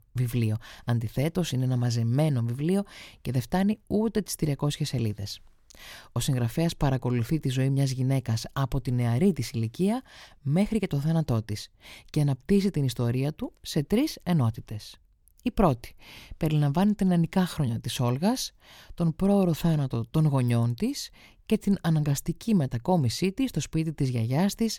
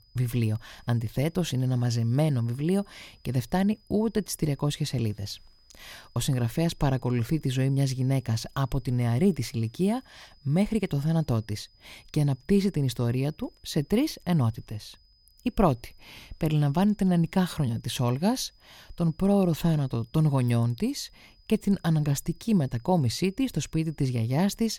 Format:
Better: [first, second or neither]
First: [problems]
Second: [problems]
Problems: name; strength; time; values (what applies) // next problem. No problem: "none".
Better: first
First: none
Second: high-pitched whine; faint; throughout; 5 kHz, 35 dB below the speech